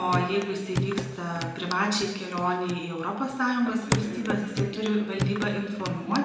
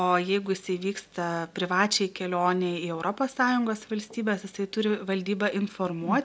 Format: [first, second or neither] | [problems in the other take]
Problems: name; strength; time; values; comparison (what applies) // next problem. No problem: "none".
second | background sound (Hands / Wood); 5 dB below the speech // room echo; dies away in 1 s